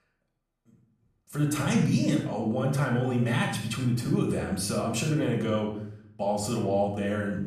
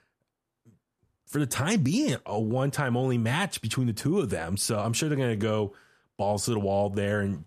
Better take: second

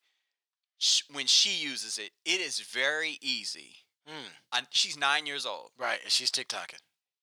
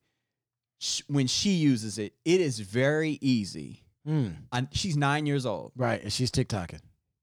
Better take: second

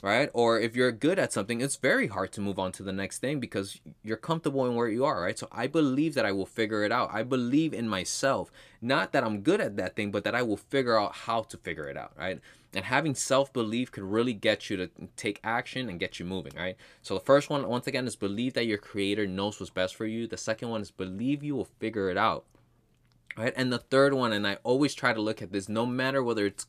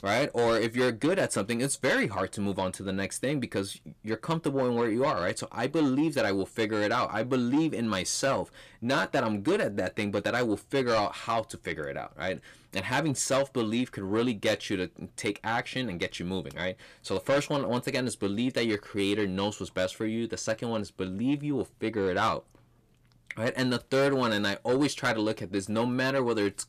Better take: first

